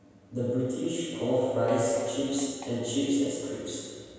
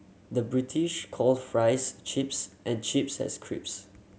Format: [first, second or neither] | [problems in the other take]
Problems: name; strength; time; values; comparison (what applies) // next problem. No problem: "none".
second | background sound (Fart); 19 dB below the speech // room echo; dies away in 1.9 s